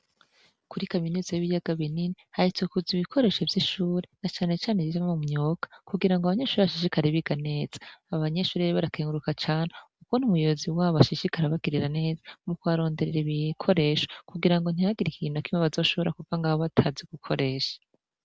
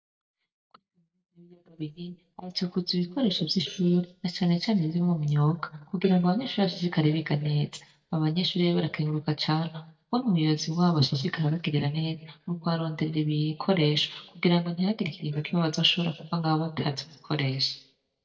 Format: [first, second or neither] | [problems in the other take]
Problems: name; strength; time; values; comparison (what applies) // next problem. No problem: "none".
first | noise reduction (neural mask model DeepFilterNet 3)